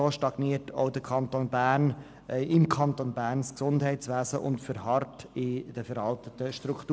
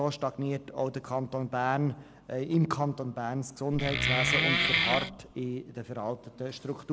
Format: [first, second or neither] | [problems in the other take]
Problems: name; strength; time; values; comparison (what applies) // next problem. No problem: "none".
first | background sound (Wood); 4 dB above the speech